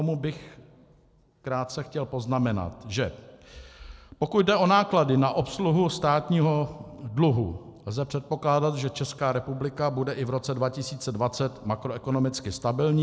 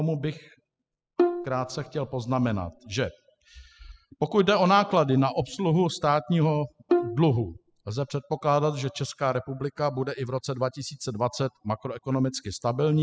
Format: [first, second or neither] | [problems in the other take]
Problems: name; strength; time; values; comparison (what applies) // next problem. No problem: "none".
first | noise reduction (classical method spectral subtraction)